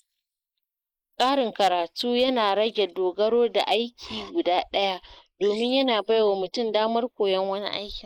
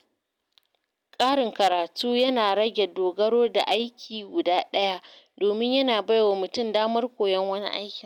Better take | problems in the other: second | noise reduction (neural mask model Resemble Enhance denoiser)

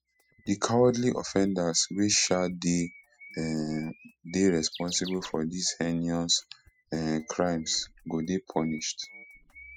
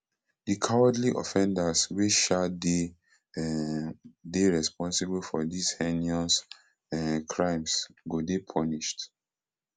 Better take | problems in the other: second | noise reduction (classical method spectral subtraction)

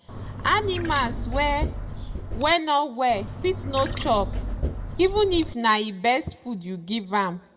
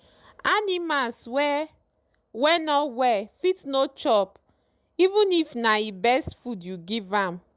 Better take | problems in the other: second | background sound (Trickle, dribble / Chirp, tweet); 5 dB below the speech // room echo; dies away in 0.4 s

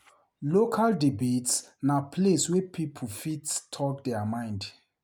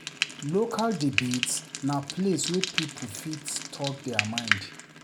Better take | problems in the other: first | background sound (Frying (food)); 3 dB below the speech

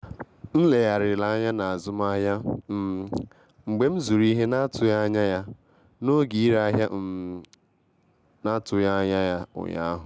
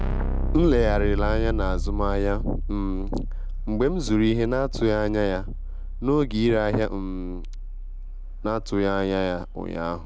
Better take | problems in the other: first | background sound (Keyboard (musical)); 2 dB below the speech

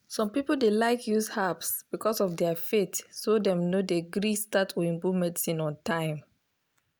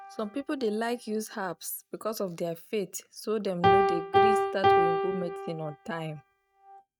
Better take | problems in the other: first | noise reduction (neural mask model RNNoise)

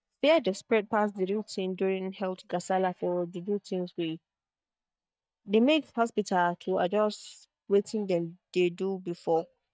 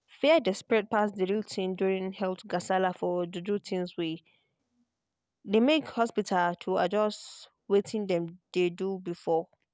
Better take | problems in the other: second | noise reduction (neural mask model DeepFilterNet 3)

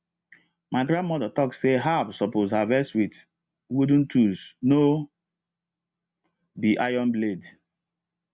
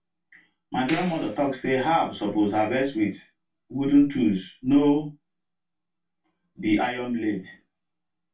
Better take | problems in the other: first | background sound (Clapping); 16 dB below the speech // room echo; dies away in 0.2 s

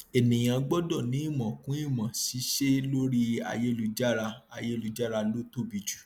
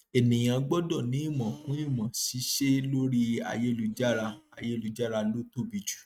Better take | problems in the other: first | noise reduction (neural mask model RNNoise)

